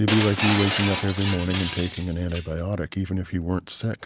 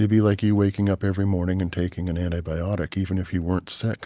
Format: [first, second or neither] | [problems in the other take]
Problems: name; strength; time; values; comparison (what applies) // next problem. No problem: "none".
second | background sound (Shatter); 6 dB below the speech